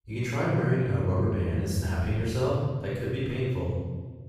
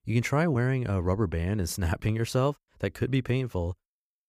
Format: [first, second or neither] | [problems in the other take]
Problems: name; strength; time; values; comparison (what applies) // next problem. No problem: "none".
second | off-mic speech; far // room echo; strong; dies away in 1.4 s